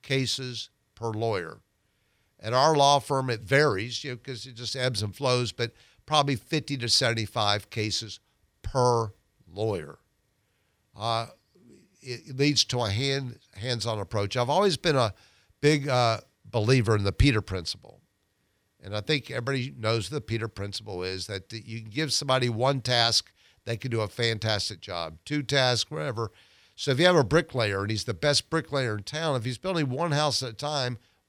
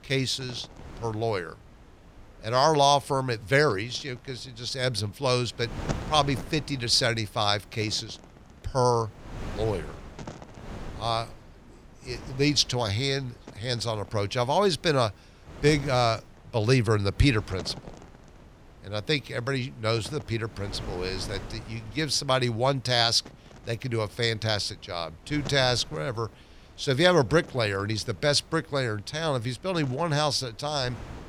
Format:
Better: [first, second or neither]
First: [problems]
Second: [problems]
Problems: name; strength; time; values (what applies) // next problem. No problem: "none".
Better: first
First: none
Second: wind noise on the microphone; occasional gusts; 20 dB below the speech